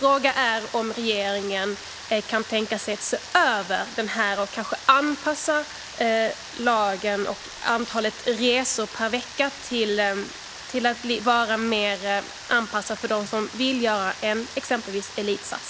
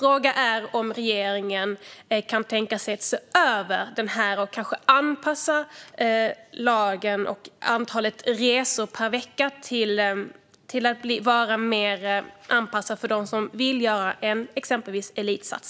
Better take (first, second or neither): second